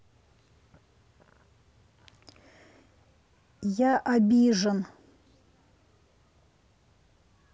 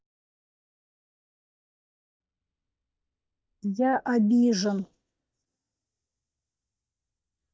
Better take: first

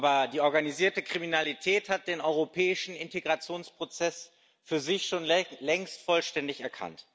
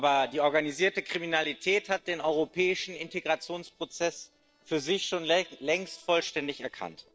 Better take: first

